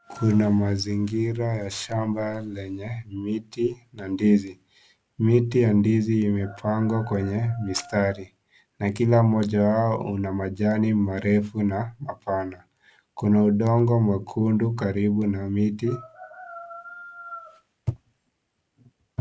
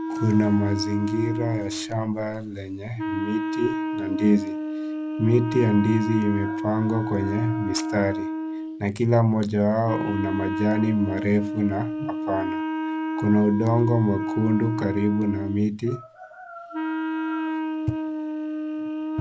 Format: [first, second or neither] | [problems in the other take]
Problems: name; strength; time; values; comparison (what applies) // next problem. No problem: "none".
first | background sound (Wind instrument, woodwind instrument); 4 dB below the speech